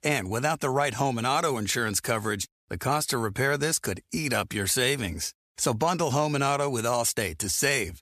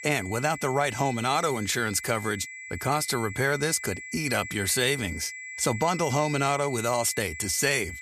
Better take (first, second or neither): first